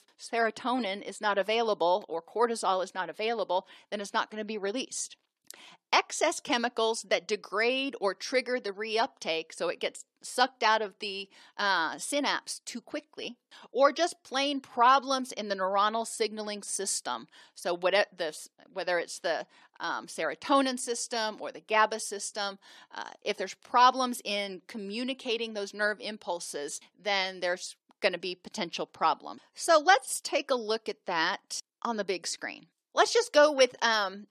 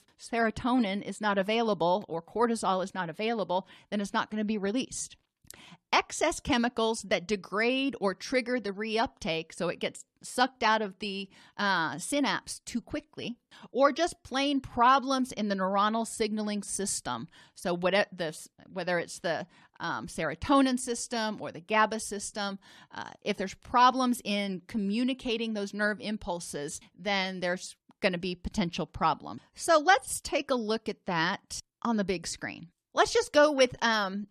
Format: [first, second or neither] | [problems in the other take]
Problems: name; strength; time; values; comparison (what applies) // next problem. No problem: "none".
second | thin; somewhat; fading below 400 Hz